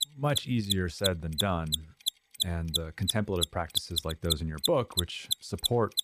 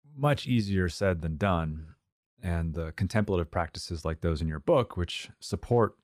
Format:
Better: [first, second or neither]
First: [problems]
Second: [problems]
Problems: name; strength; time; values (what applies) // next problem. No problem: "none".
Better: second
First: machinery noise; very loud; throughout; as loud as the speech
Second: none